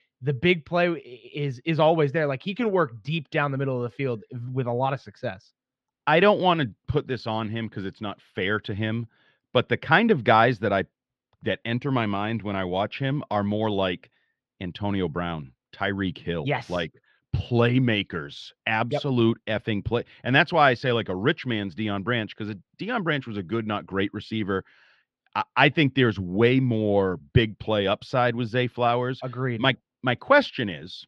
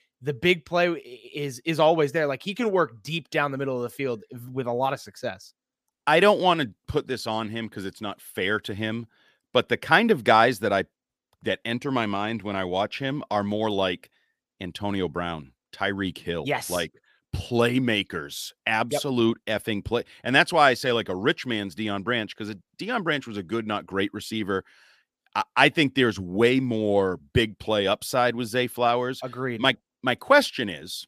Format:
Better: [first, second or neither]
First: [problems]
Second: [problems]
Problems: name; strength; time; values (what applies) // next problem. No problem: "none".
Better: second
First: muffled; very slightly; fading above 4 kHz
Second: none